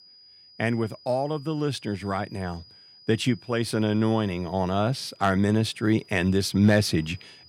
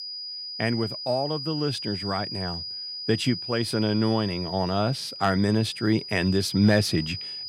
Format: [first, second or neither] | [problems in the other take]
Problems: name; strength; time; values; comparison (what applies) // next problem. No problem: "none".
first | high-pitched whine; loud; throughout; 5 kHz, 7 dB below the speech; faint in the first